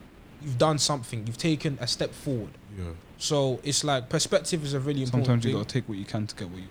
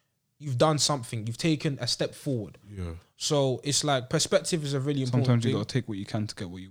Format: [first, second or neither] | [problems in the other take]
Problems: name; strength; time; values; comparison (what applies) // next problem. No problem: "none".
second | hiss; faint; throughout; 20 dB below the speech